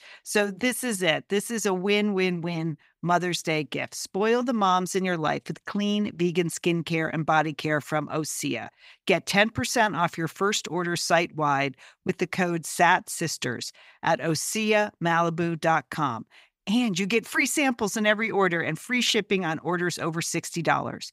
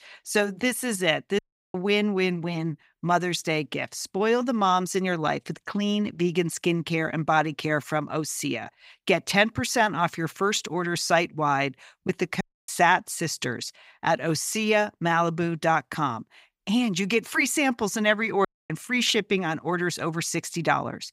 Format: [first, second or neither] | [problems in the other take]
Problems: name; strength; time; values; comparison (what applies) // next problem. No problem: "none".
first | audio cutting out; at 1.5 s, at 12 s and at 18 s